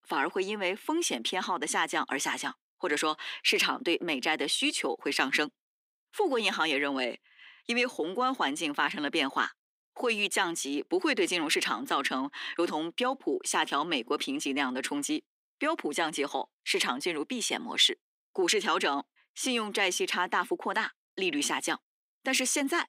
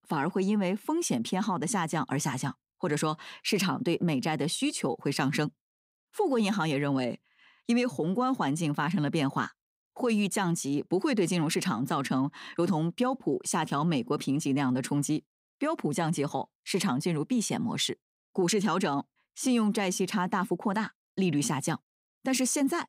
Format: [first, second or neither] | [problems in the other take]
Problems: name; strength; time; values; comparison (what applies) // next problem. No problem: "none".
second | thin; somewhat; fading below 300 Hz